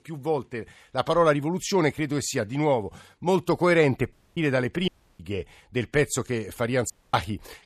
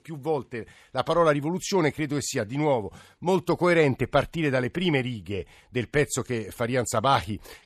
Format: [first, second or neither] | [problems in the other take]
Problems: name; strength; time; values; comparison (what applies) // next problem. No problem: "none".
second | audio cutting out; at 4 s, at 5 s and at 7 s